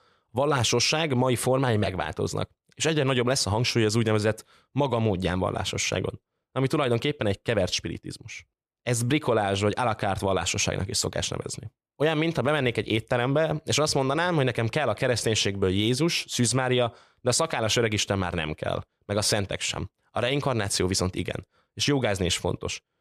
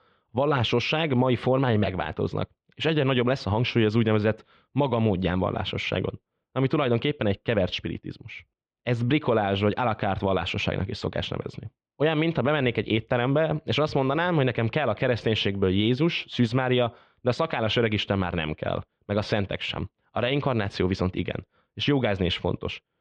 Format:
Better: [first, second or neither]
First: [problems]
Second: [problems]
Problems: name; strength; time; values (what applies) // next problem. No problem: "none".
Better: first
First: none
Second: muffled; slightly; fading above 3.5 kHz